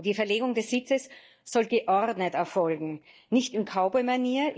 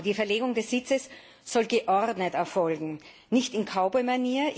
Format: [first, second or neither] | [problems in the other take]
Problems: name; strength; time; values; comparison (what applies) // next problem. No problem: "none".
second | noise reduction (neural mask model DeepFilterNet 3)